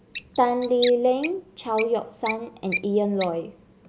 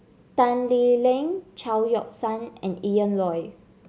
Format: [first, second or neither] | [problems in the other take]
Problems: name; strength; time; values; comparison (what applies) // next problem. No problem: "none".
second | background sound (Bird); 11 dB below the speech